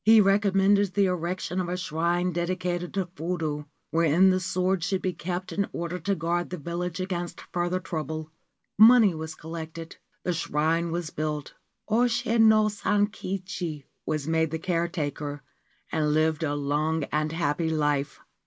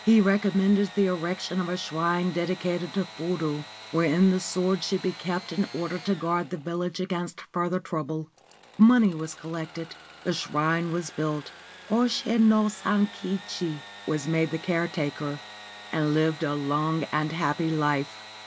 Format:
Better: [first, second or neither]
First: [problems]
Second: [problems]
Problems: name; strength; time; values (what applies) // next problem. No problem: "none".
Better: first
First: none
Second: background sound (Sawing / Engine); 18 dB below the speech